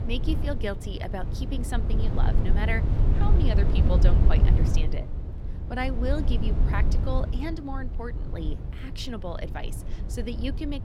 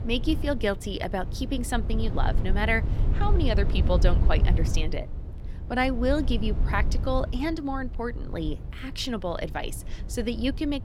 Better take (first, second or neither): second